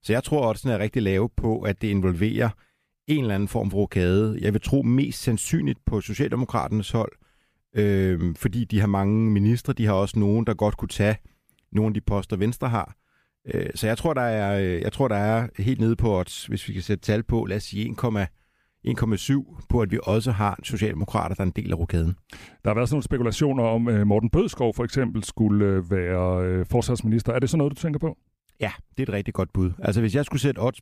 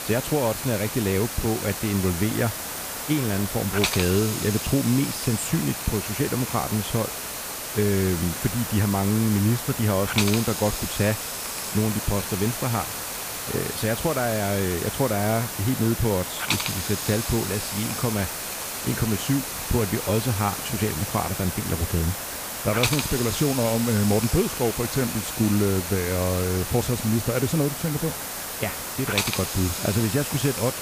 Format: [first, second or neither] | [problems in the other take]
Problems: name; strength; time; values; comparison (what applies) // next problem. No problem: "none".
first | hiss; loud; throughout; 3 dB below the speech